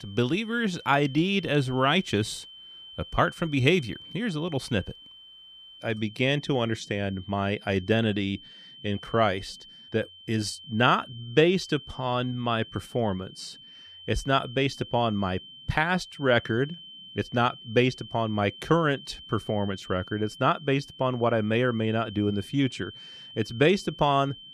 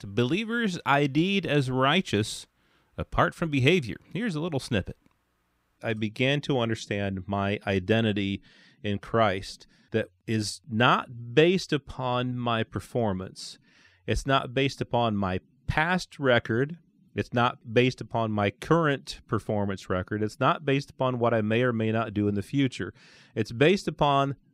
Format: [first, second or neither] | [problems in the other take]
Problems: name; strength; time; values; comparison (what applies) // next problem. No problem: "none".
second | high-pitched whine; noticeable; throughout; 3 kHz, 15 dB below the speech